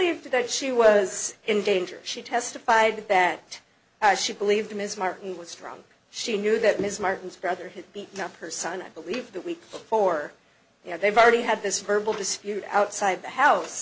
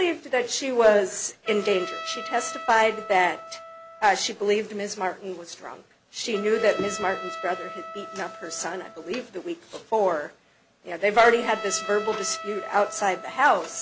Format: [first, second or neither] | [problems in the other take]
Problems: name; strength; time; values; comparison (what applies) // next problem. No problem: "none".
first | background sound (Trumpet); 14 dB below the speech